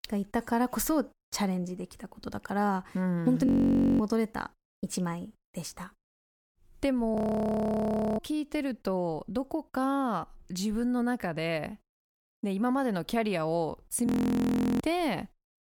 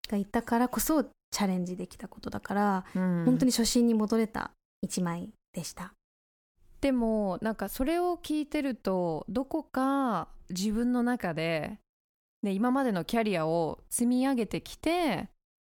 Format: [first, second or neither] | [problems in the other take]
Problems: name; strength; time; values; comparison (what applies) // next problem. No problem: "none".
second | audio freezing; at 3.5 s for 0.5 s, at 7 s for 1 s and at 14 s for 0.5 s